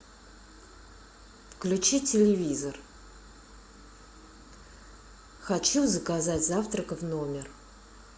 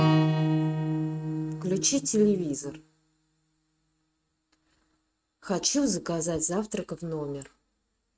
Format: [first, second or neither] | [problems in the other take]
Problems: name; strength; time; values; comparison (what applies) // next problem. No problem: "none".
first | noise reduction (neural mask model RNNoise)